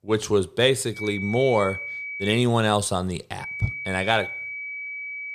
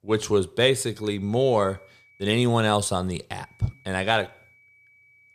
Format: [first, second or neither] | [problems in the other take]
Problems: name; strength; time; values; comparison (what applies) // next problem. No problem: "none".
second | high-pitched whine; loud; from 1 to 2.5 s and from 3.5 s on; 2.5 kHz, 8 dB below the speech; faint in the second